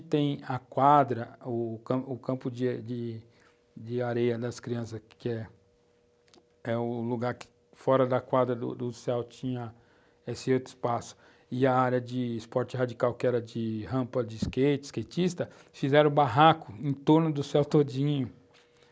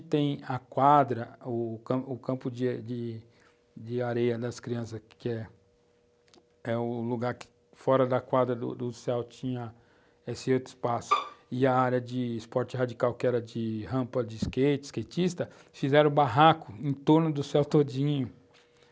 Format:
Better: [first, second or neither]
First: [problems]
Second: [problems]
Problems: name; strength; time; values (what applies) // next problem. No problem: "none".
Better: first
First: none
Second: background sound (Bowed string instrument); 3 dB below the speech